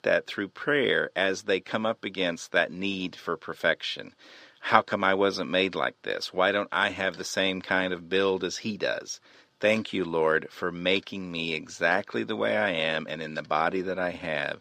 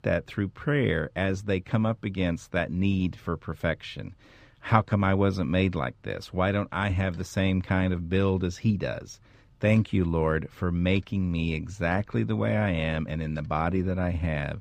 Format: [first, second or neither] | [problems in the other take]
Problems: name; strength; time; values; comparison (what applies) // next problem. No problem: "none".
second | thin; somewhat; fading below 400 Hz